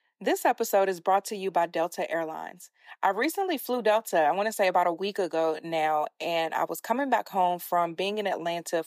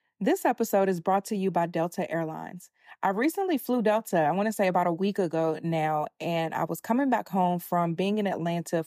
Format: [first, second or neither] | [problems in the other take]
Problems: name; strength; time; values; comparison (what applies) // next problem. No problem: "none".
second | thin; somewhat; fading below 400 Hz